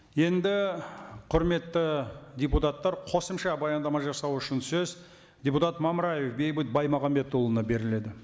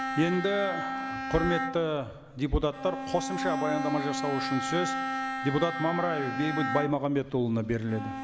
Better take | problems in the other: first | background sound (Bowed string instrument); 4 dB below the speech

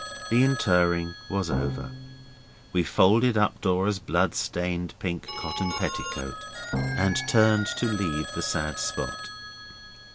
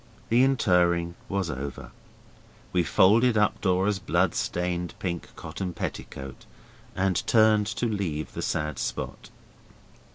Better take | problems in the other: second | background sound (Drum + Telephone); 9 dB below the speech

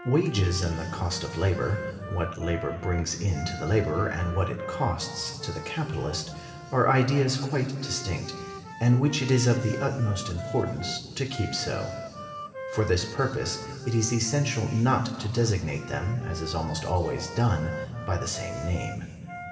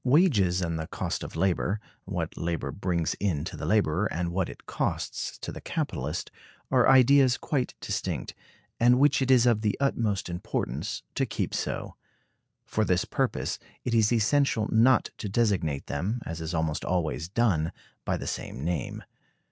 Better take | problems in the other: second | background sound (Wind instrument, woodwind instrument); 13 dB below the speech // room echo; dies away in 2.4 s

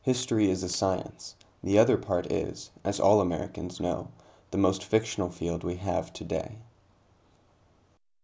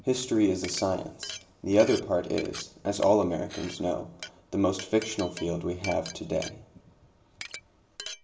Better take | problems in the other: first | background sound (Glass); 15 dB below the speech // room echo; dies away in 0.8 s

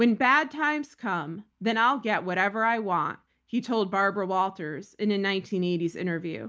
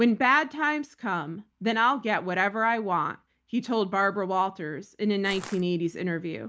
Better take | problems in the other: first | background sound (Crushing); 16 dB below the speech

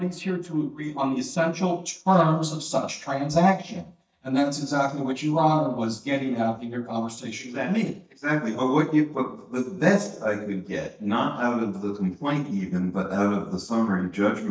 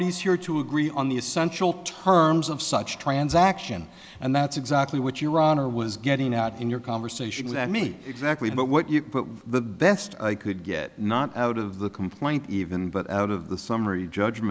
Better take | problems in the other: second | noise reduction (neural mask model DeepFilterNet 3)

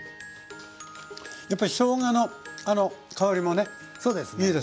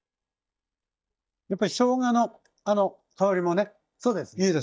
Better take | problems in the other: first | noise reduction (neural mask model DeepFilterNet 3)

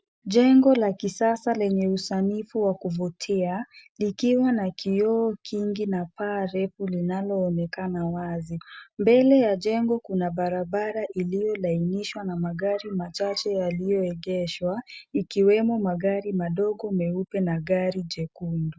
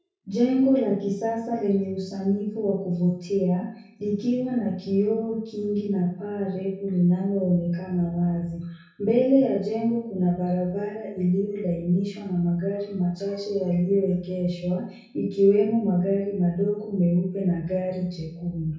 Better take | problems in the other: first | room echo; dies away in 0.6 s

